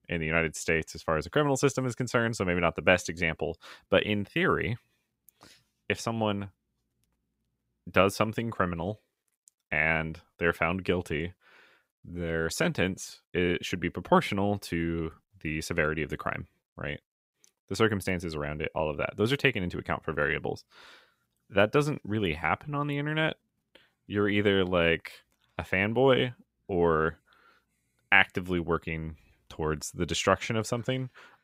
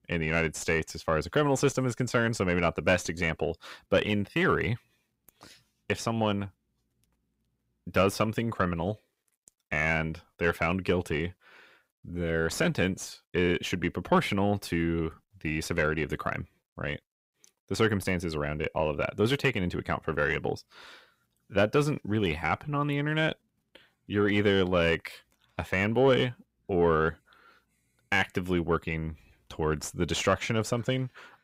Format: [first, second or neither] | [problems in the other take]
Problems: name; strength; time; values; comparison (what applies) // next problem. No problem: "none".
first | distortion; slight; 10 dB below the speech